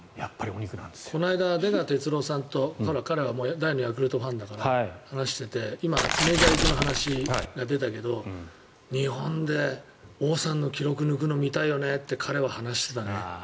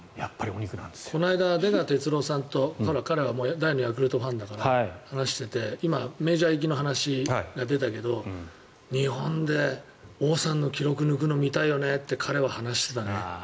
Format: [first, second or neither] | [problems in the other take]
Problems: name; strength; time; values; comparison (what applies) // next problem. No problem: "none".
second | background sound (Tearing); 2 dB above the speech